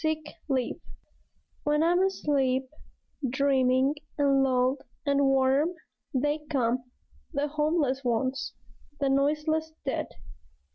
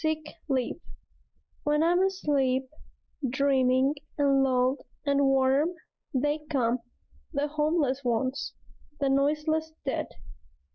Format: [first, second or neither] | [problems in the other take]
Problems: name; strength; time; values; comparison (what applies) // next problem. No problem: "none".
first | noise reduction (neural mask model Resemble Enhance denoiser)